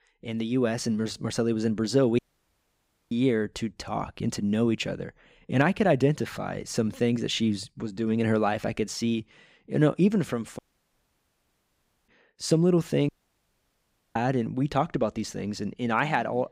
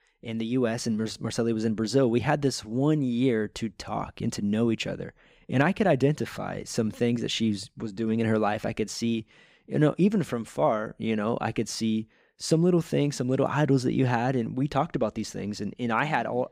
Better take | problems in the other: second | audio cutting out; at 2 s for 1 s, at 11 s for 1.5 s and at 13 s for 1 s

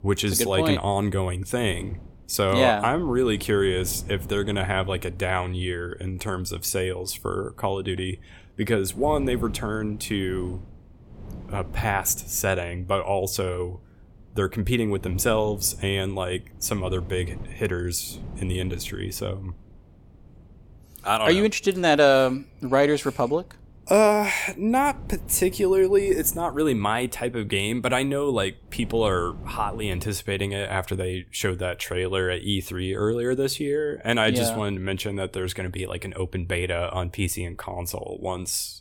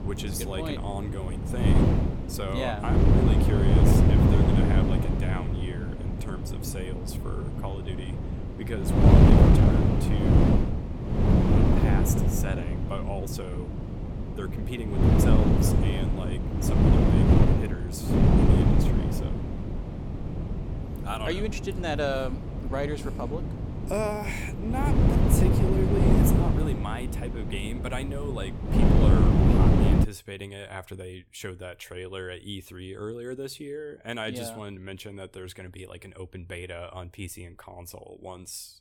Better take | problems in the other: first | wind noise on the microphone; heavy; until 30 s; 5 dB above the speech; occasional gusts in the first

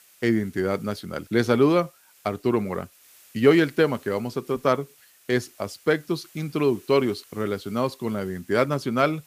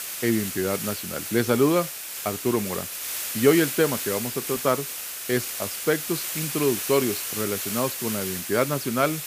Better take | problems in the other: first | hiss; loud; throughout; 4 dB below the speech; faint in the first

